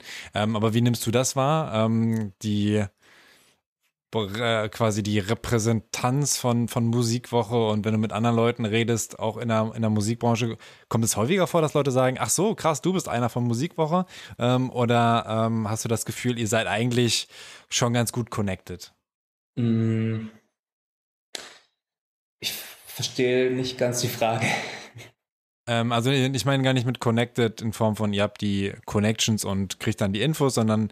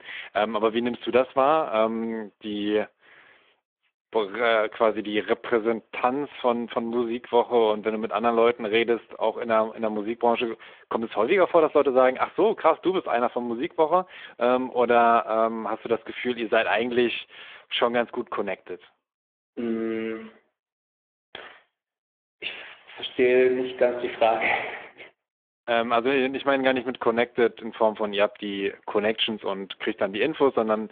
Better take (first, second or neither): first